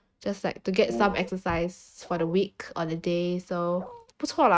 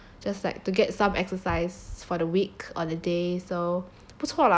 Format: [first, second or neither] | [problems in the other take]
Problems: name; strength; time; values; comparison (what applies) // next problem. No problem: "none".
second | noise reduction (neural mask model RNNoise)